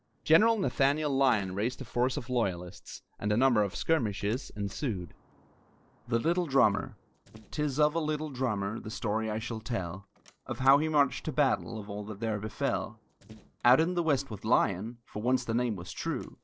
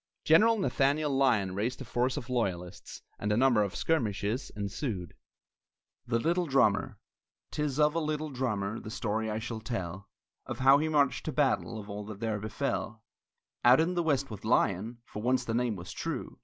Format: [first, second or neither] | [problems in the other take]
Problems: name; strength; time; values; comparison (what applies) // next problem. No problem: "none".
second | noise reduction (neural separator model SepFormer DNS4)